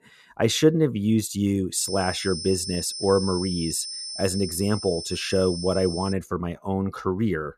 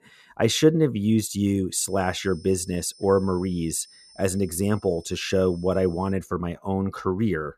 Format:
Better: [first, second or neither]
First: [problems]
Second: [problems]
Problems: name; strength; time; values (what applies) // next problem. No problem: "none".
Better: second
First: high-pitched whine; loud; from 2 to 6 s; 5.5 kHz, 7 dB below the speech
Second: high-pitched whine; faint; from 2 to 6 s; 5.5 kHz, 25 dB below the speech